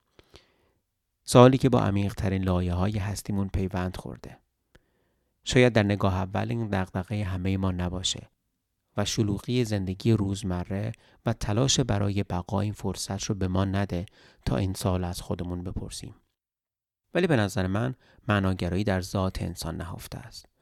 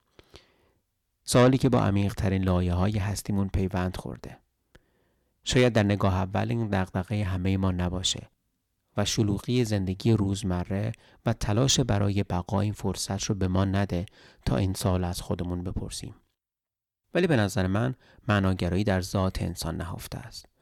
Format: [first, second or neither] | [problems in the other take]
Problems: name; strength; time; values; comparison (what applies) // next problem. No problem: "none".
first | distortion; slight; 10 dB below the speech